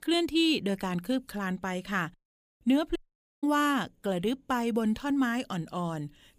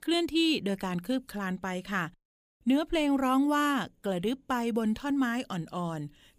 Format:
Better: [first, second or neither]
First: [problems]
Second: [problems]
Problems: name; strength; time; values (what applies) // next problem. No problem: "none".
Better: second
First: audio cutting out; at 3 s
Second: none